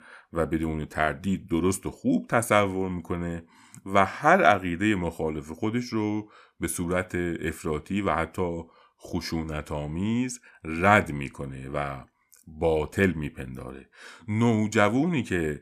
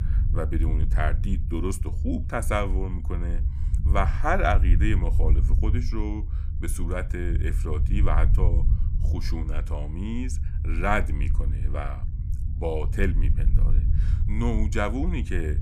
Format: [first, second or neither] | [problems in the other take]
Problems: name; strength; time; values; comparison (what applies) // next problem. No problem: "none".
first | low rumble; noticeable; throughout; 15 dB below the speech